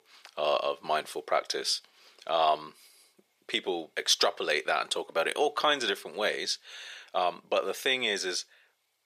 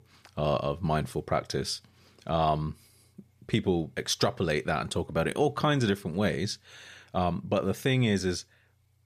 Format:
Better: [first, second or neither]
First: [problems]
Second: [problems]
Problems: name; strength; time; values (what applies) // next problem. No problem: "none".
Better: second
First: thin; very; fading below 450 Hz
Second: none